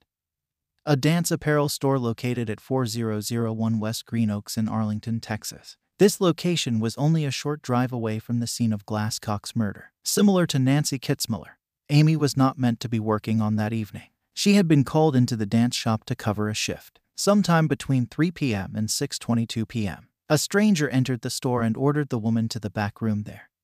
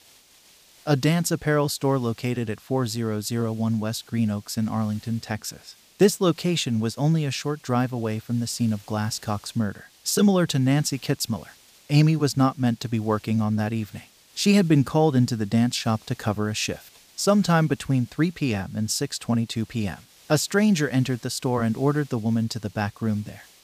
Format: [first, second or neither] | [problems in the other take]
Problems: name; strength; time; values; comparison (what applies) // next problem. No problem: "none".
first | hiss; faint; throughout; 25 dB below the speech